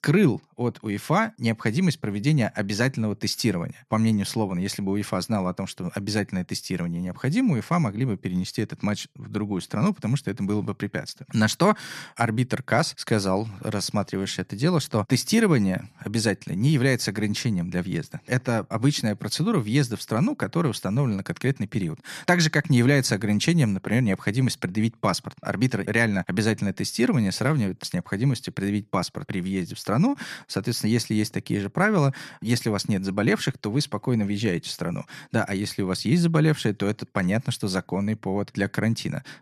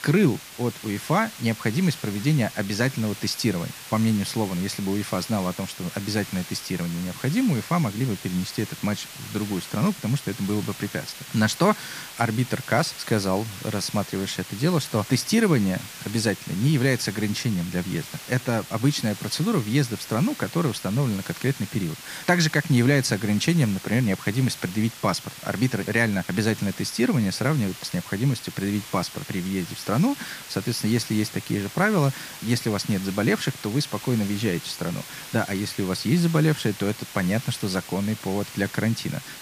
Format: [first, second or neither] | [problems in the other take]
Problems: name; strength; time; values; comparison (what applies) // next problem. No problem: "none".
first | hiss; noticeable; throughout; 15 dB below the speech